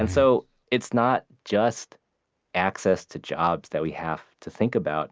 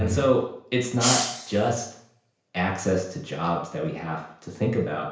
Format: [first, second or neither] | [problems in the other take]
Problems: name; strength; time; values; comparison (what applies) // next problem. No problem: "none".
first | background sound (Hiss); 5 dB below the speech // room echo; dies away in 0.5 s